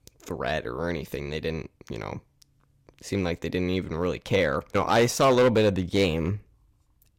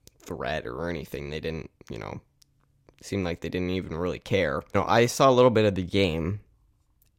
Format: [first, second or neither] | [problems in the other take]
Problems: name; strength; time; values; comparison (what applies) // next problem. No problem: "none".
second | distortion; slight; 3% of the sound clipped